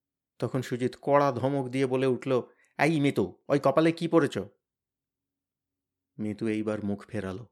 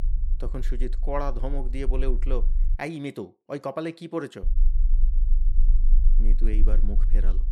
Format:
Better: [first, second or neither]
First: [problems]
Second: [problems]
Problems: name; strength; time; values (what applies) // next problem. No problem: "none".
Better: first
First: none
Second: low rumble; noticeable; until 2.5 s and from 4.5 s on; 20 dB below the speech